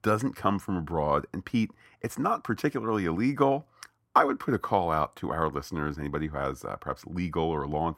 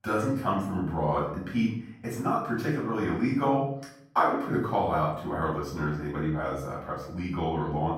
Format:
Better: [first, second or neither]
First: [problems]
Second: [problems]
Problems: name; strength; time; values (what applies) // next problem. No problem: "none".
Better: first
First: none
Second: off-mic speech; far // room echo; noticeable; dies away in 0.6 s